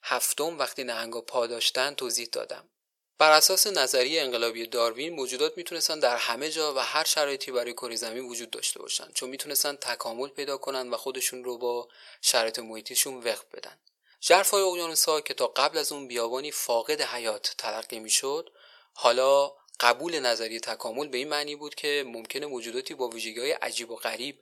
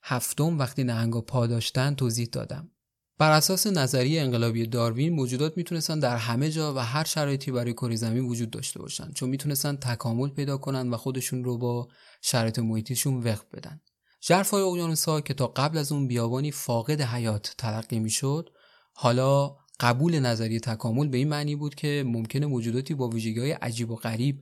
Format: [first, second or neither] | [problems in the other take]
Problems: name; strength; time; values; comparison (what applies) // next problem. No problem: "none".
second | thin; very; fading below 450 Hz